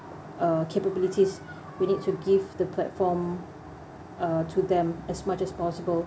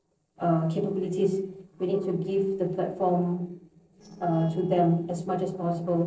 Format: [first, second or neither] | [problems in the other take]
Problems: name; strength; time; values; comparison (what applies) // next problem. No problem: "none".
first | noise reduction (neural separator model SepFormer DNS4)